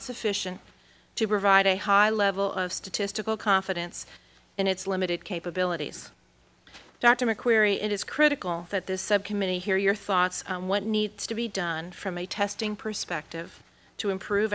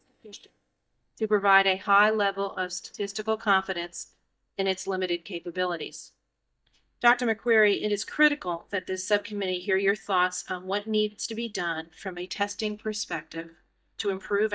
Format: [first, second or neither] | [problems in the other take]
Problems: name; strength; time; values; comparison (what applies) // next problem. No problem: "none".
first | noise reduction (neural mask model DeepFilterNet 3)